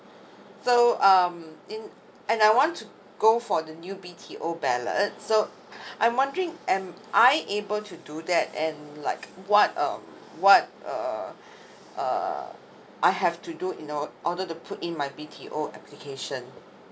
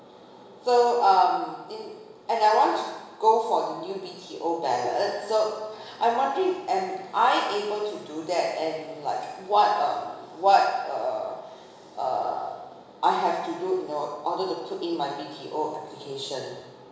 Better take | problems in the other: first | room echo; dies away in 1 s

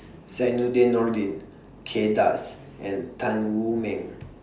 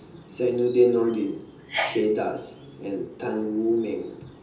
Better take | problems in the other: first | background sound (Sneeze); 13 dB below the speech // room echo; dies away in 0.2 s

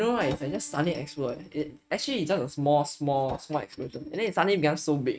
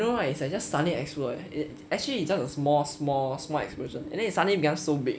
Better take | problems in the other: second | noise reduction (neural mask model RNNoise)

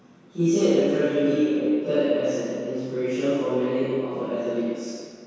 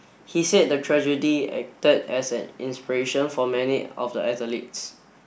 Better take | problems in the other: second | room echo; dies away in 2 s

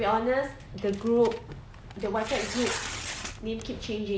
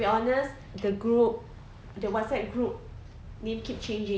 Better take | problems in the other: second | background sound (Tearing); 10 dB below the speech

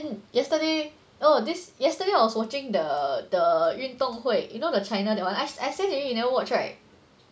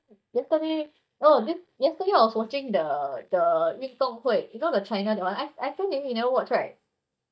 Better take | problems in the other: first | noise reduction (neural mask model DeepFilterNet 3)

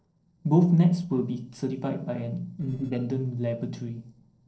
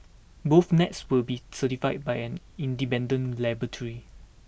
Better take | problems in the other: second | noise reduction (neural separator model SepFormer DNS4)

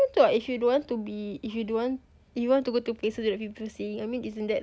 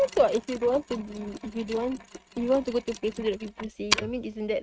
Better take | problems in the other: first | noise reduction (neural mask model RNNoise)

